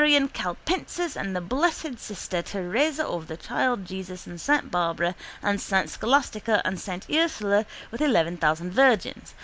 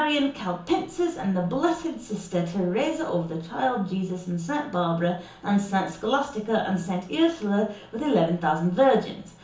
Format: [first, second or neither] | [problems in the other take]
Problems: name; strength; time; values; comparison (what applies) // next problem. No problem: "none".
first | room echo; dies away in 0.7 s